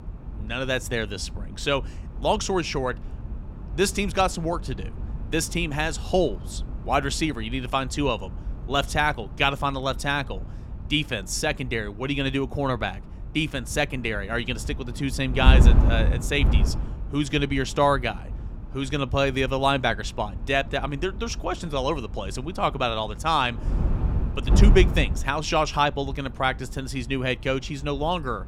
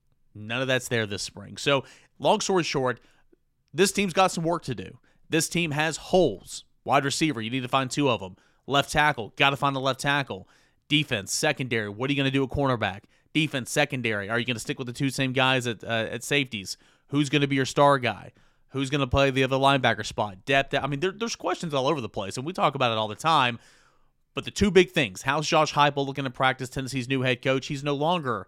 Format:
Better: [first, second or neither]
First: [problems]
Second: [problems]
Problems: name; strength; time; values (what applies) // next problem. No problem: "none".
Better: second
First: wind noise on the microphone; occasional gusts; 15 dB below the speech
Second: none